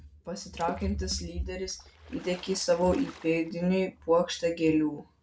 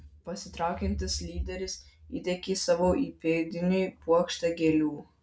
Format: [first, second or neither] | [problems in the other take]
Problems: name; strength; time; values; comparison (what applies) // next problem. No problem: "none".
second | background sound (Water / Splash, splatter + Water / Splash, splatter); 19 dB below the speech